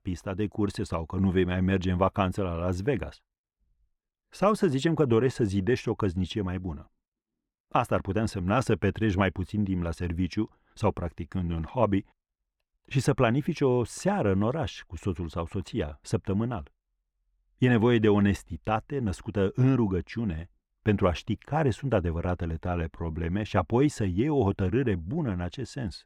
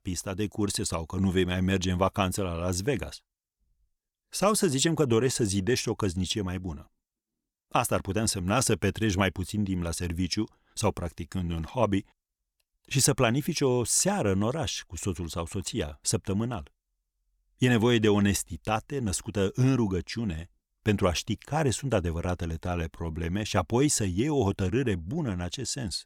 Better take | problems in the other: second | muffled; very; fading above 3.5 kHz

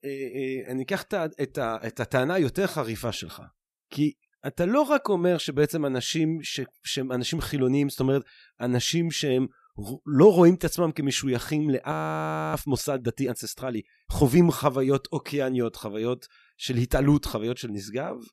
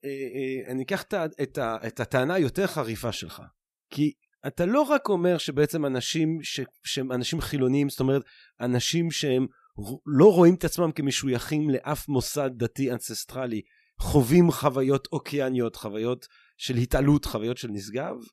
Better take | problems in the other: second | audio freezing; at 12 s for 0.5 s

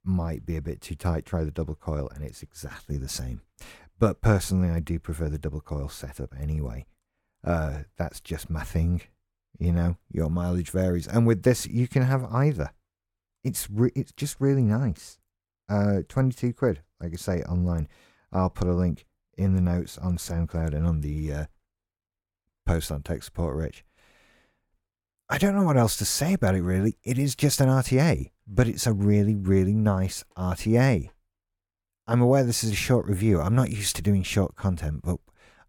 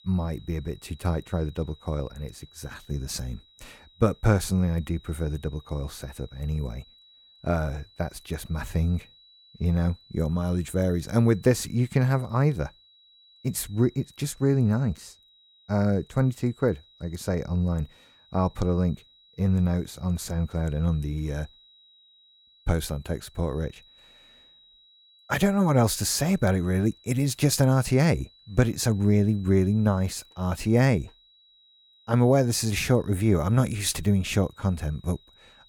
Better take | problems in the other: first | high-pitched whine; faint; throughout; 4 kHz, 30 dB below the speech

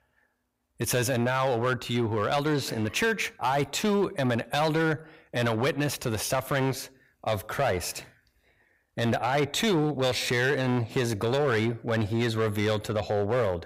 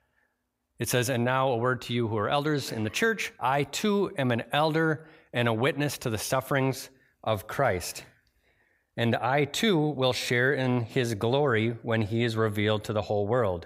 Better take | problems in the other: second | distortion; slight; 8% of the sound clipped

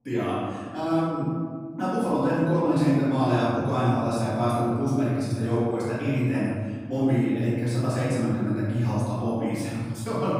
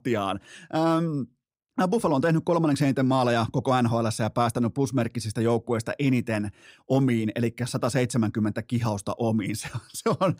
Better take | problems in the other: second | room echo; strong; dies away in 1.8 s // off-mic speech; far

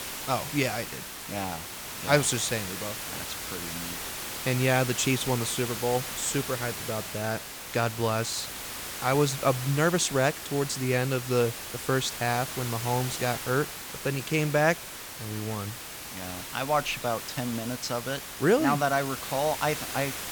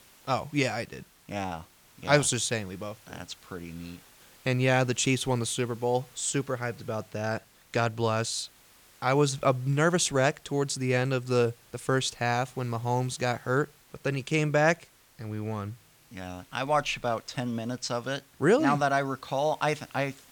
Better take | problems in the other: second | hiss; loud; throughout; 7 dB below the speech; faint in the second

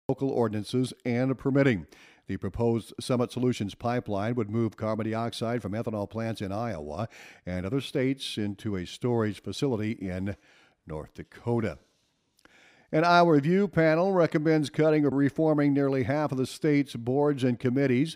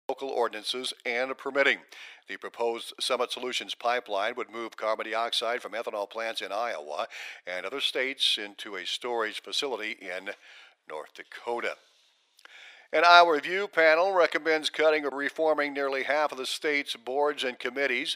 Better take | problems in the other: first | thin; very; fading below 550 Hz

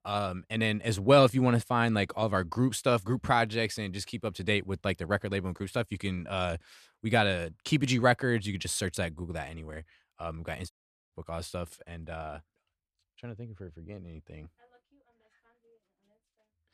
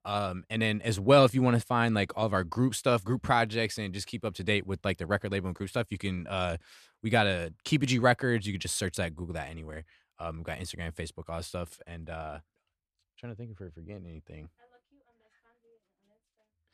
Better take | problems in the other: second | audio cutting out; at 11 s

